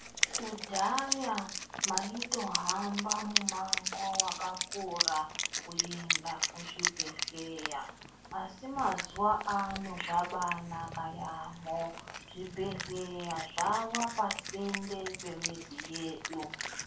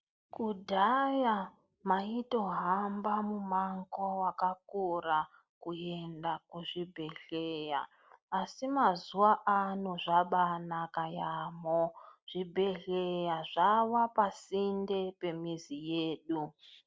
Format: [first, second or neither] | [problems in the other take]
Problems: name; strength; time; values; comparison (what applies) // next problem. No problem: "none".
second | background sound (Wind instrument, woodwind instrument); 1 dB below the speech // room echo; dies away in 0.3 s